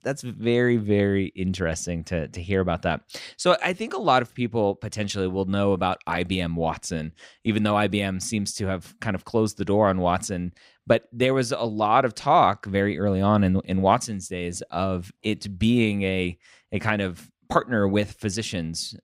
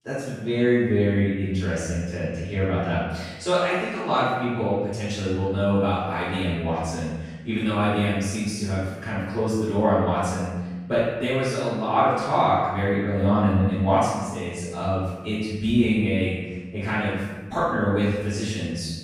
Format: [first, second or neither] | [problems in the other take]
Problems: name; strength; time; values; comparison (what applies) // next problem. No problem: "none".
first | room echo; strong; dies away in 1.1 s // off-mic speech; far